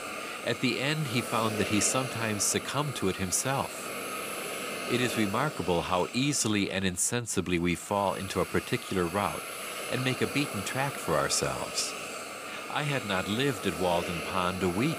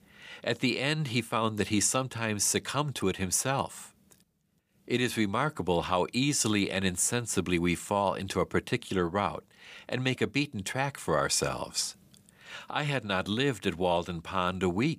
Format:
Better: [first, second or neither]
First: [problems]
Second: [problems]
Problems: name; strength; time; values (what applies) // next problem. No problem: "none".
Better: second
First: hiss; loud; throughout; 7 dB below the speech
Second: none